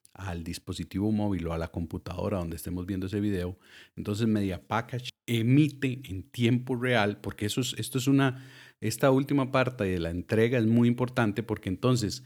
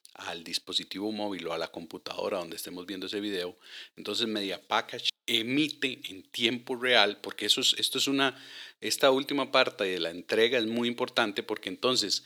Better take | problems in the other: first | thin; somewhat; fading below 450 Hz

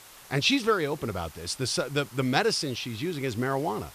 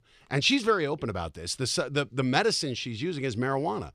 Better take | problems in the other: second | hiss; faint; throughout; 20 dB below the speech

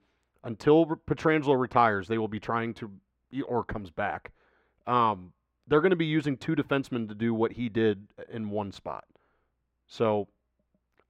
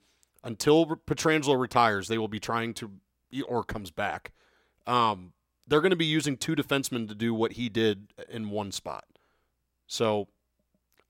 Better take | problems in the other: second | muffled; very; fading above 4 kHz

